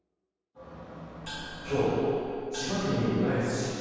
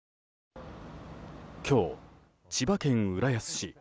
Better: second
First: background sound (Gong); 13 dB below the speech // room echo; dies away in 2.2 s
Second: none

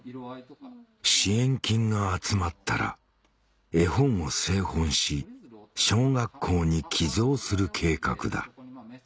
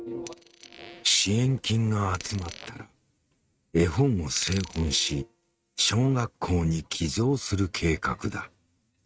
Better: first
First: none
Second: noise reduction (neural mask model RNNoise)

